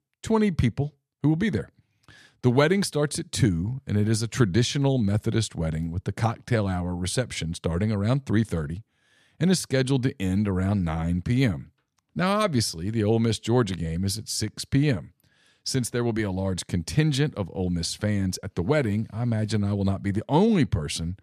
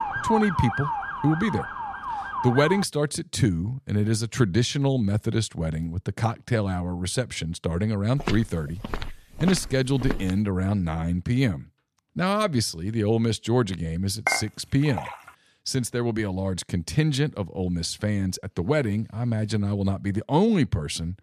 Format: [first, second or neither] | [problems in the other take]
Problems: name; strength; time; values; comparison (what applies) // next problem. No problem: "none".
first | siren; noticeable; until 3 s; peak 1 dB below the speech // footsteps; noticeable; from 8 to 10 s; peak 7 dB below the speech // clattering dishes; noticeable; at 14 s; peak 1 dB below the speech